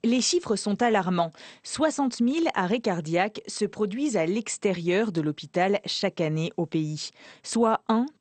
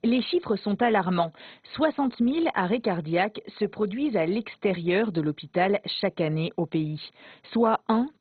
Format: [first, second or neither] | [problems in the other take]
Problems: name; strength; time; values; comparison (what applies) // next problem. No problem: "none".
first | garbled, watery; badly; nothing above 4 kHz; slightly in the first